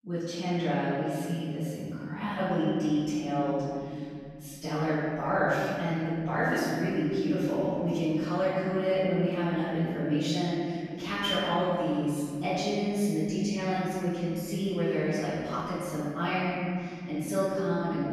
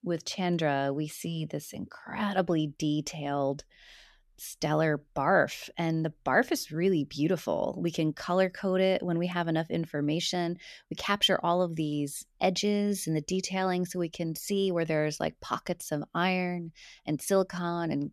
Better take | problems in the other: second | off-mic speech; far // room echo; strong; dies away in 2.8 s

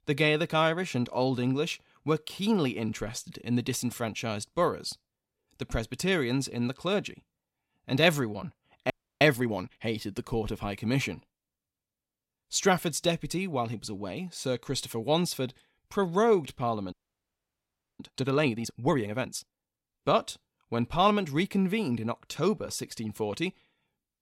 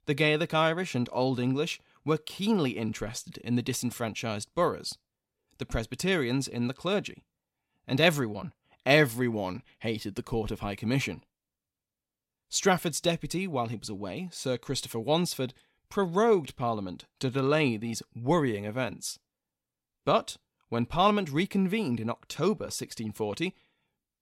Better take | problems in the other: second | audio freezing; at 9 s and at 17 s for 1 s

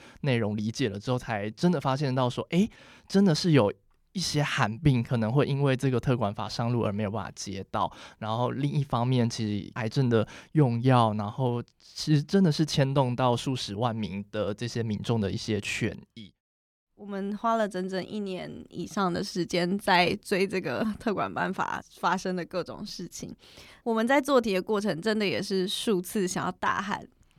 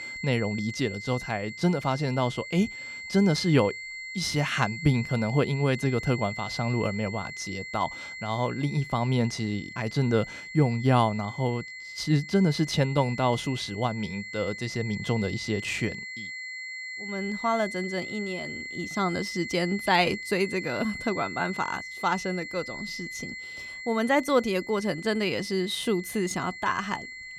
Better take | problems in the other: first | high-pitched whine; loud; throughout; 2 kHz, 9 dB below the speech

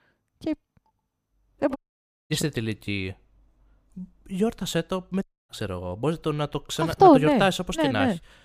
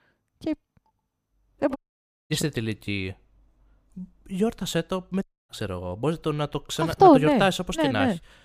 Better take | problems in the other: neither | audio cutting out; at 2 s for 0.5 s and at 5 s; the same in both

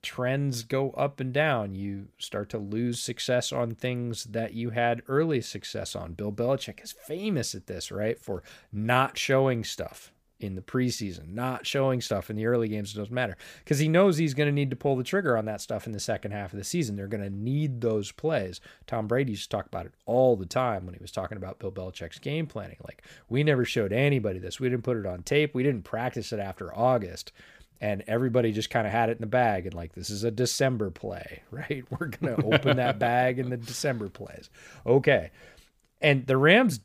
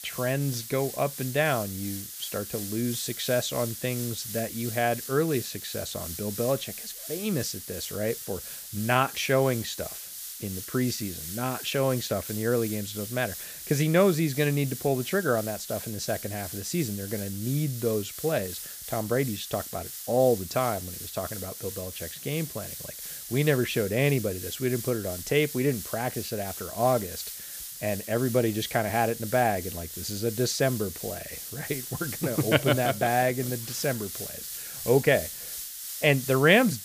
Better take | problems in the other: first | hiss; loud; throughout; 8 dB below the speech

